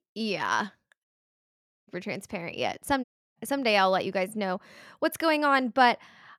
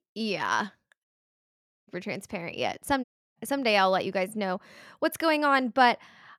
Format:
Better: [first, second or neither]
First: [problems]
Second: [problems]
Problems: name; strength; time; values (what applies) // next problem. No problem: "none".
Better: neither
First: audio cutting out; at 1 s for 1 s and at 3 s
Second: audio cutting out; at 1 s for 1 s and at 3 s